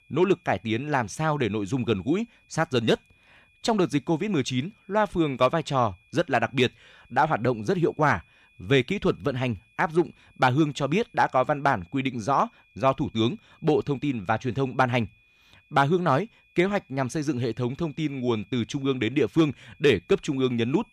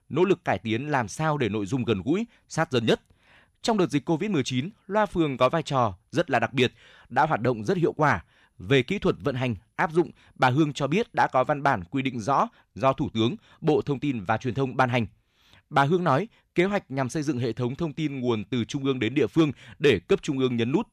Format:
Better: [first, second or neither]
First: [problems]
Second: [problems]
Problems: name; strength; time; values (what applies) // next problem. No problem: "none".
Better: second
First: high-pitched whine; faint; throughout; 2.5 kHz, 35 dB below the speech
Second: none